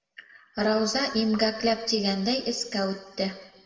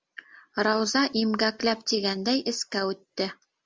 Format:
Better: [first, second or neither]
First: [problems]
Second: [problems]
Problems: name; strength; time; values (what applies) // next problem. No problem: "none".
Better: second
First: room echo; dies away in 1.3 s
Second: none